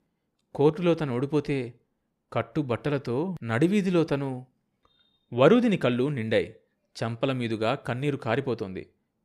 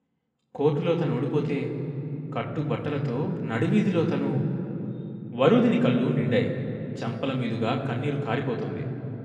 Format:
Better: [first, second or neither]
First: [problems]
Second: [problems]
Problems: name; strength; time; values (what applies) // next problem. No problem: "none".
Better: first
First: none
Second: room echo; noticeable; dies away in 3 s // off-mic speech; far